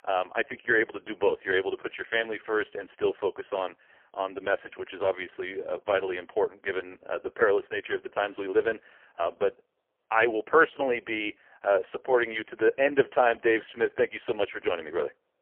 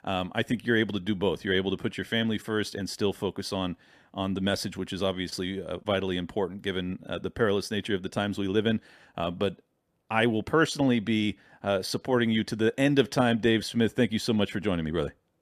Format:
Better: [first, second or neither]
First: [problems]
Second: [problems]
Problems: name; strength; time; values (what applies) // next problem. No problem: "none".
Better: second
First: phone-call audio; poor line; nothing above 3 kHz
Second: none